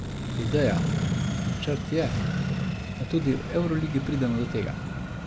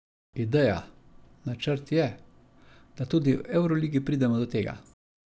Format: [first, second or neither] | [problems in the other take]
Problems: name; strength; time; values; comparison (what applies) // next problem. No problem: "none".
second | background sound (Accelerating, revving, vroom); as loud as the speech